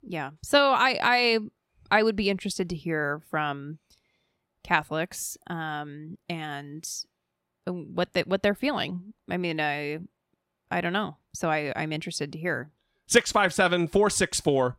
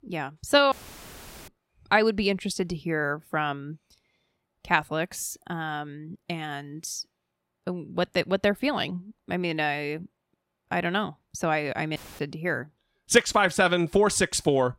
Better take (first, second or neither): first